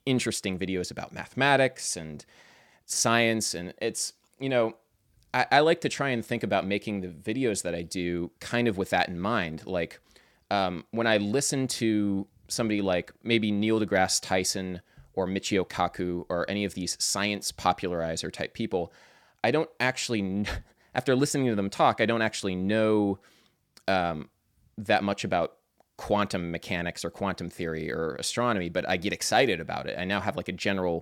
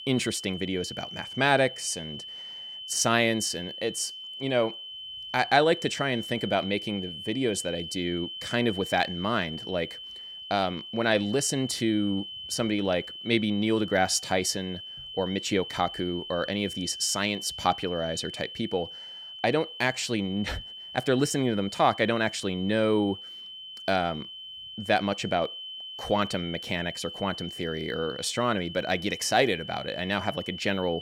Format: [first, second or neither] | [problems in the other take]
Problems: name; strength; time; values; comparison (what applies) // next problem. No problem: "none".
first | high-pitched whine; loud; throughout; 3 kHz, 10 dB below the speech